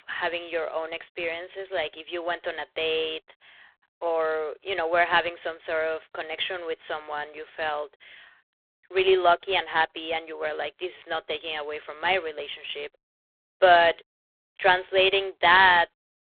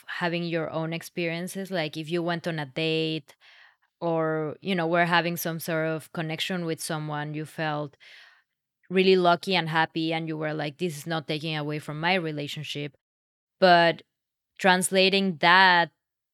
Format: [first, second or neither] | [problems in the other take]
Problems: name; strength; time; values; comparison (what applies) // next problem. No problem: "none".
second | phone-call audio; poor line